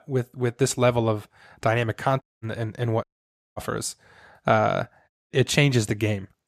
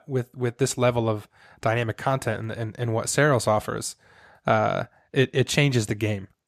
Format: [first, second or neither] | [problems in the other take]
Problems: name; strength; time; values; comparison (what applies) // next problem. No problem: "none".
second | audio cutting out; at 2 s, at 3 s for 0.5 s and at 5 s